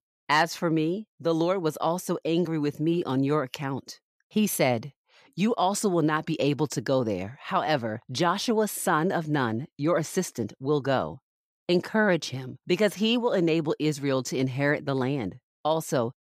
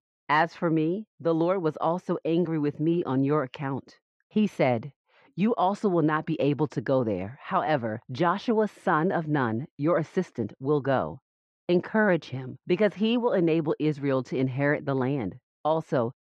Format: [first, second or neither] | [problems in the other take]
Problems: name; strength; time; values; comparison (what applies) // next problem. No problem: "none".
first | muffled; very; fading above 2 kHz